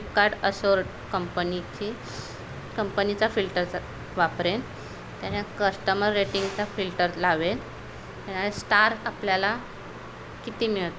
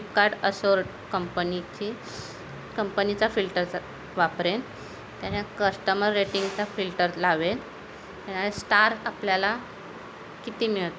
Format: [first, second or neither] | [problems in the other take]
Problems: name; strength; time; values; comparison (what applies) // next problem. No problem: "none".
second | background sound (Engine); 16 dB below the speech